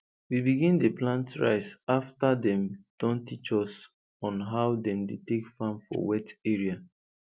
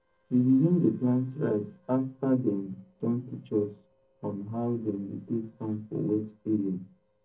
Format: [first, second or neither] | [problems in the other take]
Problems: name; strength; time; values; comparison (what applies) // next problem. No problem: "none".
first | noise reduction (neural separator model SepFormer DNS4)